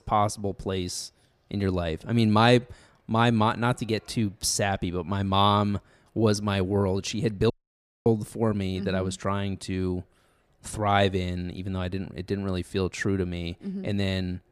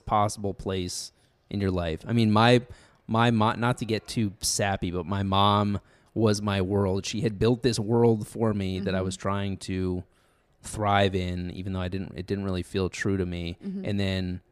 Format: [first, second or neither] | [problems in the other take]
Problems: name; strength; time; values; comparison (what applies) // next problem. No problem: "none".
second | audio cutting out; at 7.5 s for 0.5 s